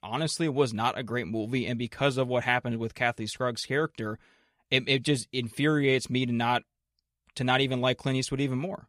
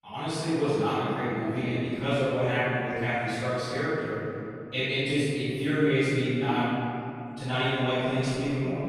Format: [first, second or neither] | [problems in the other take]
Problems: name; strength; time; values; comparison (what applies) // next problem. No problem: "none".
first | off-mic speech; far // room echo; strong; dies away in 2.6 s